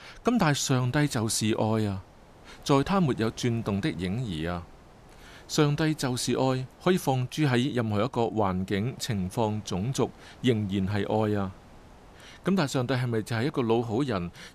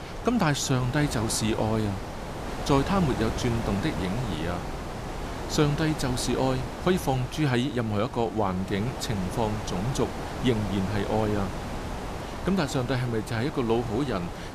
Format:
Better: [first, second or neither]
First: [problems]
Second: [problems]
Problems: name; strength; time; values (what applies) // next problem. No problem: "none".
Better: first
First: wind noise on the microphone; occasional gusts; 25 dB below the speech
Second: wind noise on the microphone; heavy; 6 dB below the speech